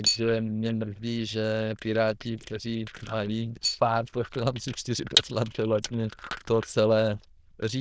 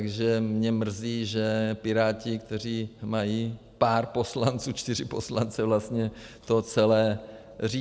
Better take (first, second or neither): second